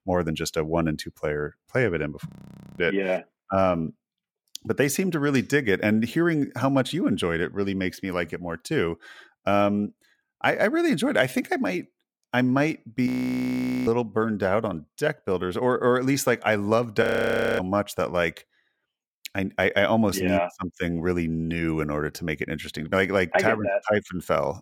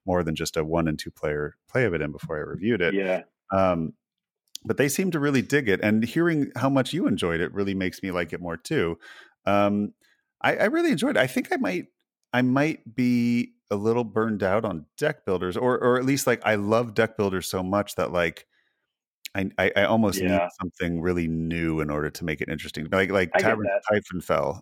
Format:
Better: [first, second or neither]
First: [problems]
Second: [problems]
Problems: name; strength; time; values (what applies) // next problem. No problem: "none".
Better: second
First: audio freezing; at 2.5 s for 0.5 s, at 13 s for 1 s and at 17 s for 0.5 s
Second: none